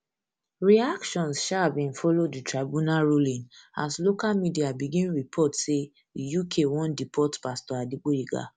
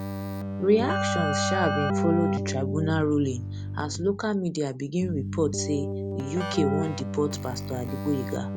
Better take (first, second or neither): first